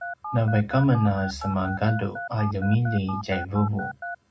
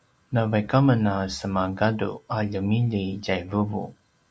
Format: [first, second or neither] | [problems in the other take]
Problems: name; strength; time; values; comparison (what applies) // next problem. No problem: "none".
second | background sound (Telephone); 10 dB below the speech // room echo; dies away in 0.2 s